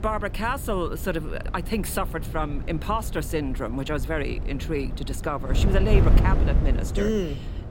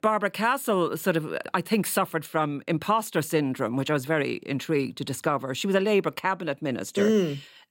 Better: second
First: wind noise on the microphone; heavy; 10 dB below the speech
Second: none

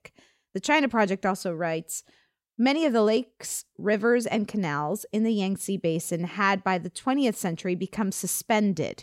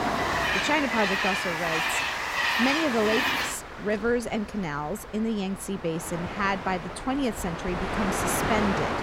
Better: first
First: none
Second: train or aircraft noise; very loud; throughout; 2 dB above the speech

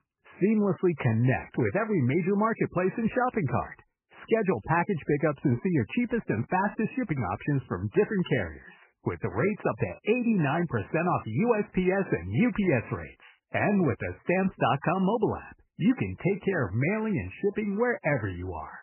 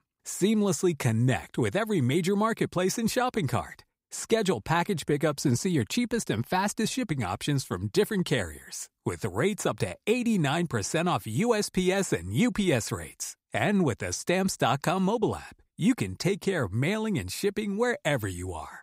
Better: second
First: garbled, watery; badly; nothing above 3 kHz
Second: none

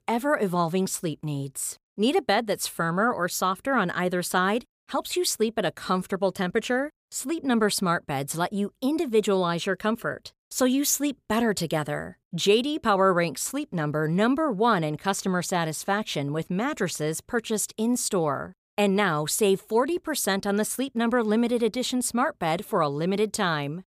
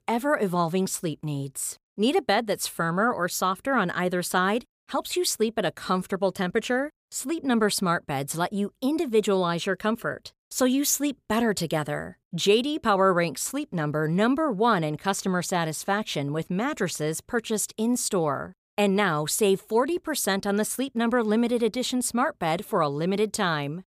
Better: neither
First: none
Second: none

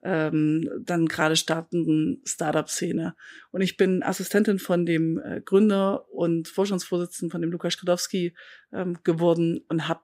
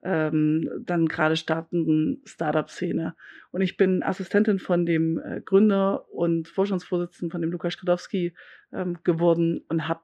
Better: first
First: none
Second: muffled; slightly; fading above 2.5 kHz

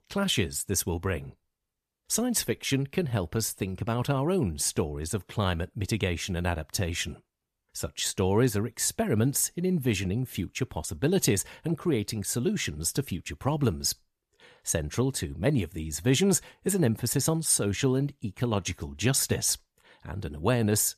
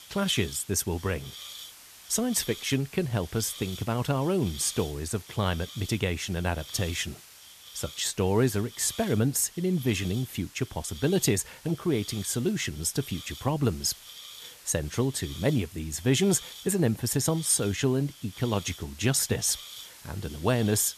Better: first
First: none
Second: hiss; noticeable; throughout; 15 dB below the speech

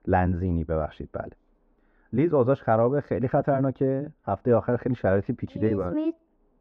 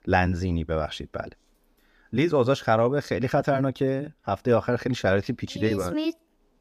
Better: second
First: muffled; very; fading above 3 kHz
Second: none

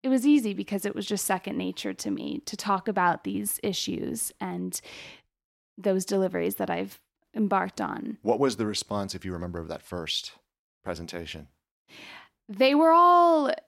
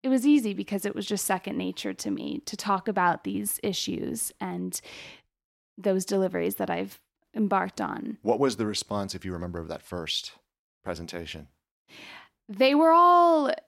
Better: neither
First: none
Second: none

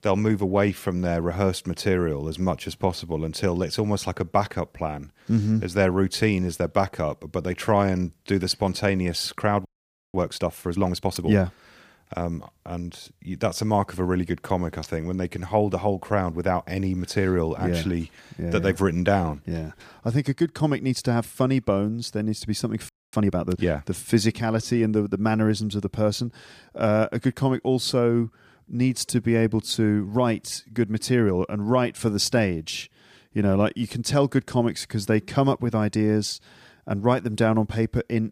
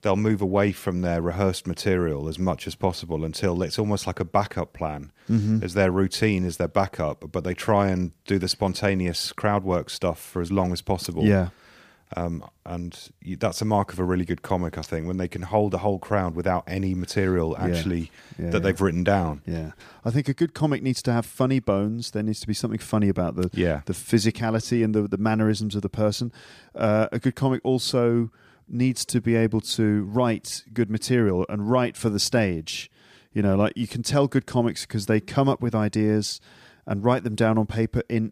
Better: second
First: audio freezing; at 9.5 s and at 23 s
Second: none

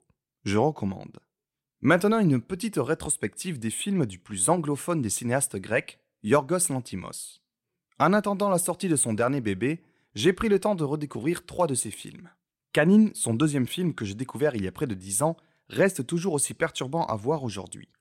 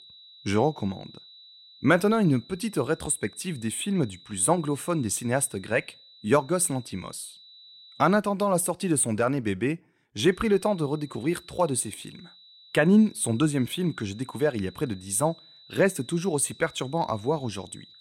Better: first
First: none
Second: high-pitched whine; faint; until 8 s and from 10 s on; 4 kHz, 25 dB below the speech

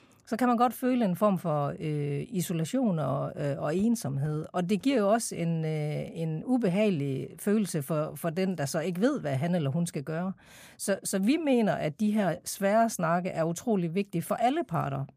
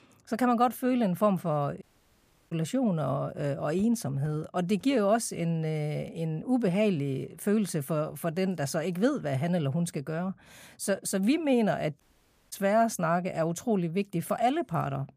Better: first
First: none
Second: audio cutting out; at 2 s for 0.5 s and at 12 s for 0.5 s

